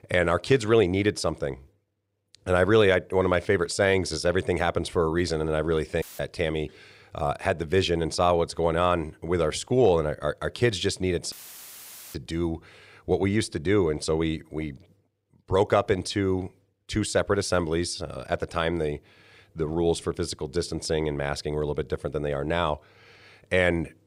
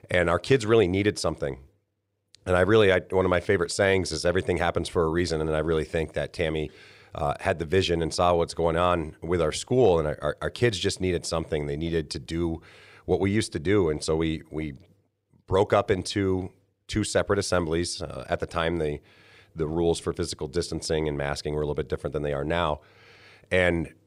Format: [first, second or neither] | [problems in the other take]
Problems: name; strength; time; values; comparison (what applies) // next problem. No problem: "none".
second | audio cutting out; filled with static; at 6 s and at 11 s for 1 s